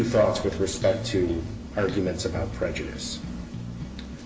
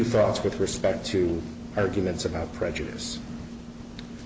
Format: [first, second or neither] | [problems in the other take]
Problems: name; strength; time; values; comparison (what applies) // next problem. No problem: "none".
second | background sound (Bass guitar); 10 dB below the speech // room echo; dies away in 0.3 s